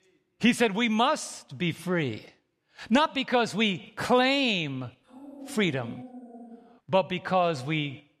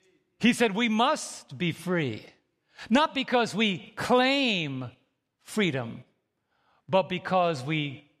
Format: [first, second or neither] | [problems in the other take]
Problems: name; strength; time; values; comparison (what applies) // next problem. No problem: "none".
second | dog barking; faint; from 5 to 7 s; peak 15 dB below the speech